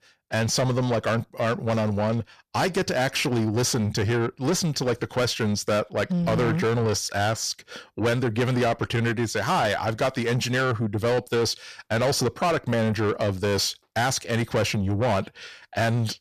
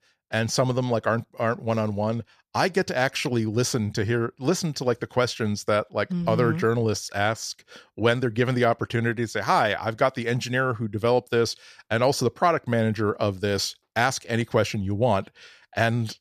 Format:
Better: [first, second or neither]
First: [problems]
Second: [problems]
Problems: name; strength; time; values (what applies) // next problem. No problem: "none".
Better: second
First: distortion; heavy; 8 dB below the speech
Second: none